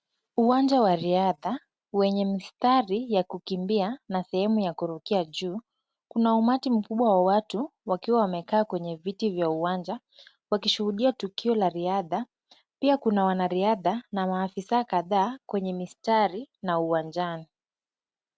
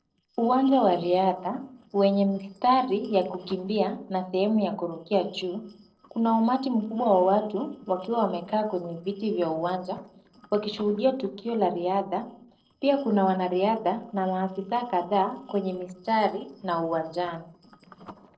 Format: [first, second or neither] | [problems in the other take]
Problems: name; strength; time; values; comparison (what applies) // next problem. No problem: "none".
first | noise reduction (neural separator model SepFormer DNS4)